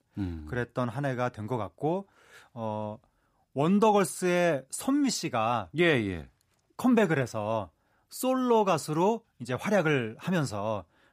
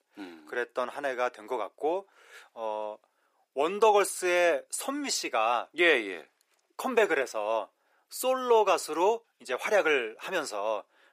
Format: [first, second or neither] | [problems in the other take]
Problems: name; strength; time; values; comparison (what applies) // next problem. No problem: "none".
first | thin; very; fading below 400 Hz